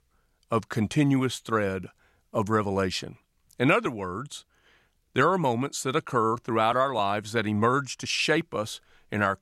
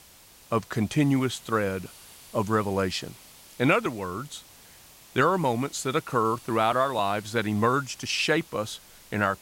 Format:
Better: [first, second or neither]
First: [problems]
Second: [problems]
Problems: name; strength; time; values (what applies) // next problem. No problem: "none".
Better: first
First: none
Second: hiss; faint; throughout; 20 dB below the speech